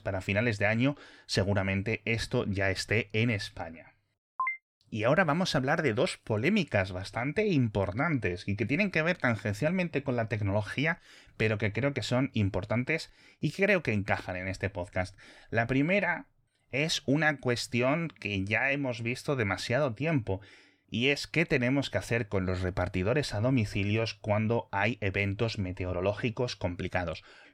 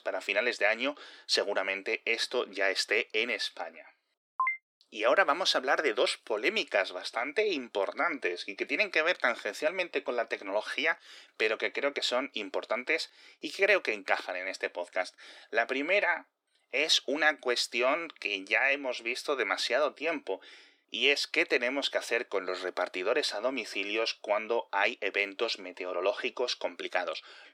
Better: first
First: none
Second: thin; very; fading below 350 Hz

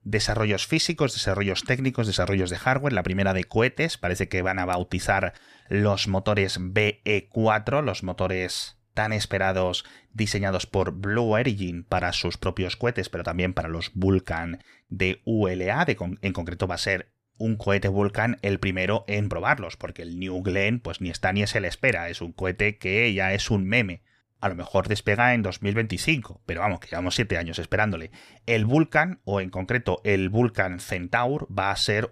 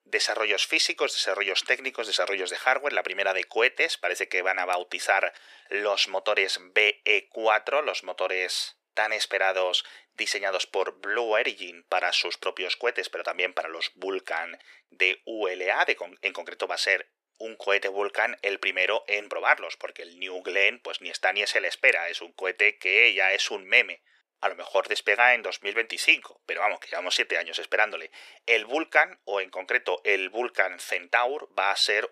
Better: first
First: none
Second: thin; very; fading below 400 Hz

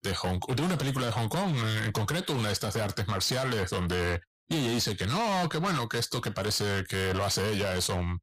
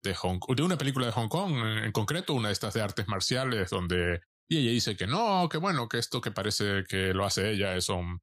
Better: second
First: distortion; heavy; 25% of the sound clipped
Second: none

